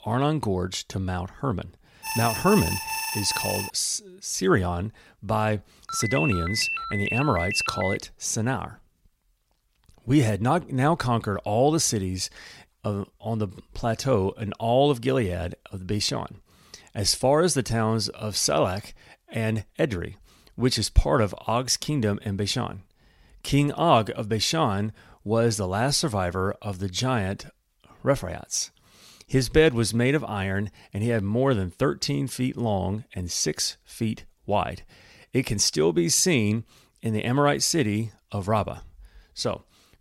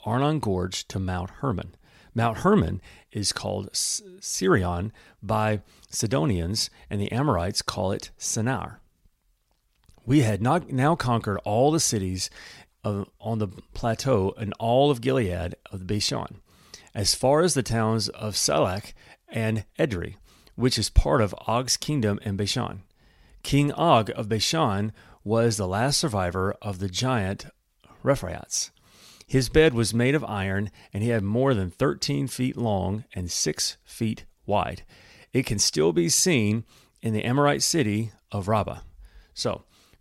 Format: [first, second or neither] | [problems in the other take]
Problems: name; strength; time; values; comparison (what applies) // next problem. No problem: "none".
second | alarm; noticeable; from 2 to 3.5 s; peak 2 dB below the speech // phone ringing; noticeable; from 6 to 8 s; peak 2 dB below the speech